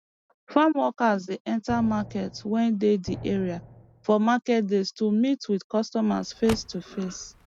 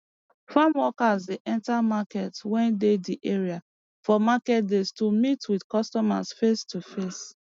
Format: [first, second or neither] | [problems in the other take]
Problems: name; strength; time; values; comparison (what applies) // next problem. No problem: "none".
second | background sound (Car + Drum); 15 dB below the speech